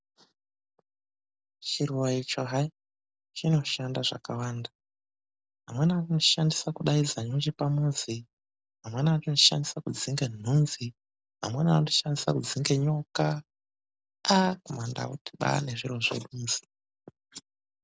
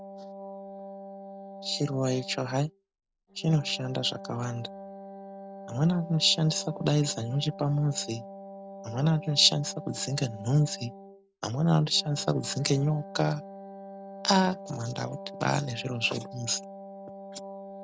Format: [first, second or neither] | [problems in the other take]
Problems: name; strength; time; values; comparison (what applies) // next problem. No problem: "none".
first | background sound (Wind instrument, woodwind instrument); 13 dB below the speech